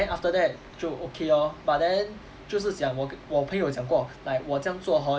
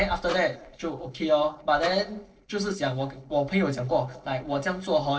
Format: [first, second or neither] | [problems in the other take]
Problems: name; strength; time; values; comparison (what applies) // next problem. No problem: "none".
first | noise reduction (neural separator model SepFormer DNS4)